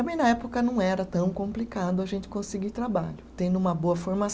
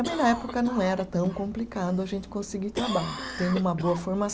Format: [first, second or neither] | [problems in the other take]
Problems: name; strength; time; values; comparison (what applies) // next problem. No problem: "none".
first | background sound (Cough); 11 dB below the speech